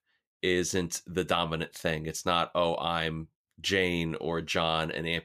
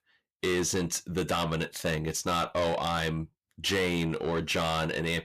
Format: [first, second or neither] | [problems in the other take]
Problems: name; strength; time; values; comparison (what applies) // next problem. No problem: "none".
first | distortion; heavy; 7 dB below the speech